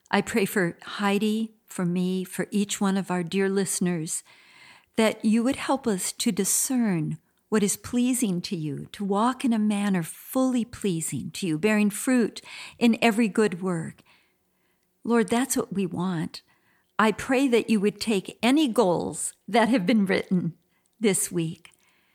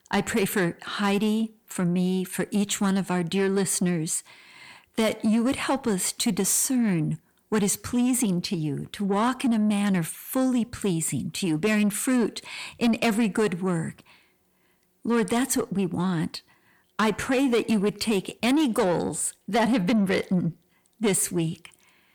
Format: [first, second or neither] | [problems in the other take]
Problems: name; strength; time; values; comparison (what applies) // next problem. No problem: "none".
first | distortion; slight; 10 dB below the speech